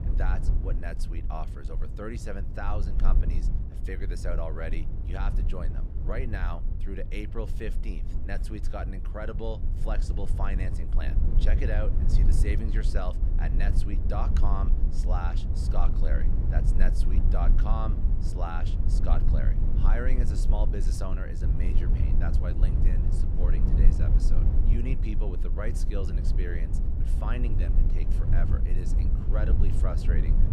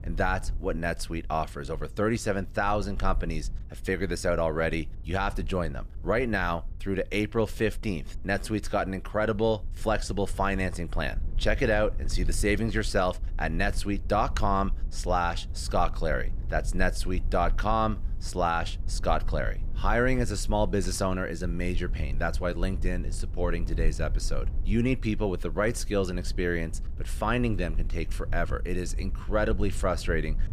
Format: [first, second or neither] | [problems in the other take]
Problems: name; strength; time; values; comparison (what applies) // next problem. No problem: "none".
second | low rumble; loud; throughout; 5 dB below the speech; faint in the second